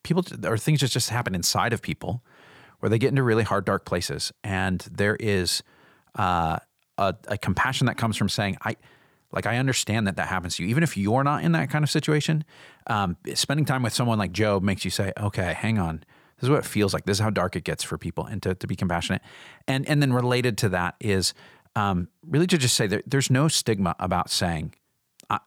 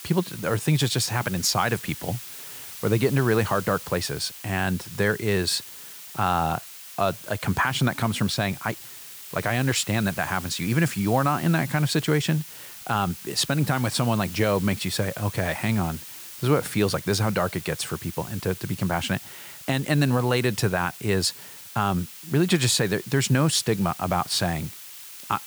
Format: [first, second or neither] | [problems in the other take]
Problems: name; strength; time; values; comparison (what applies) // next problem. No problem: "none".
first | hiss; noticeable; throughout; 15 dB below the speech